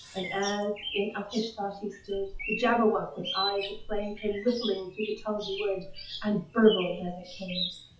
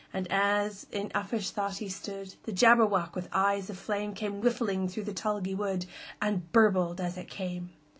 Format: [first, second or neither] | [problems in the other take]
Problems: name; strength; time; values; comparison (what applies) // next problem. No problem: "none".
second | noise reduction (classical method WPE with log-MMSE)